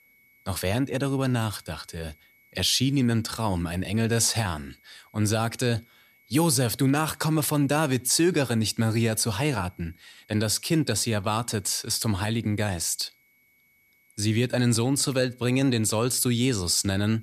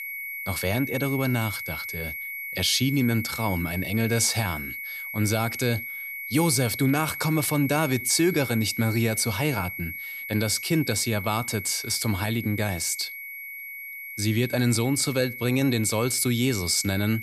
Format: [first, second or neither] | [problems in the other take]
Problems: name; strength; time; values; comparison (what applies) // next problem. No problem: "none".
first | high-pitched whine; loud; throughout; 2 kHz, 8 dB below the speech; faint in the first